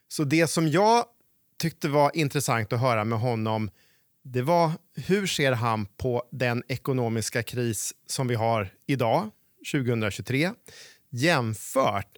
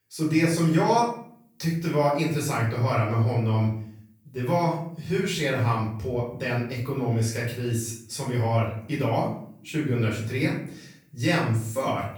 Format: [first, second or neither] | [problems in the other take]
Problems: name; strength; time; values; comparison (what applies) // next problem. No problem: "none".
first | off-mic speech; far // room echo; noticeable; dies away in 0.5 s